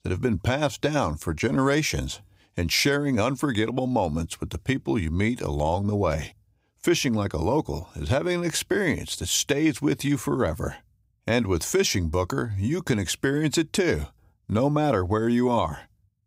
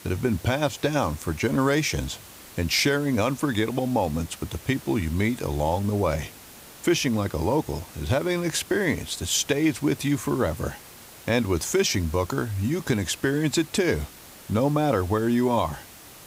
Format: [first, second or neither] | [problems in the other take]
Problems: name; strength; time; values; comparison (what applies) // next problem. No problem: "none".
first | hiss; noticeable; throughout; 20 dB below the speech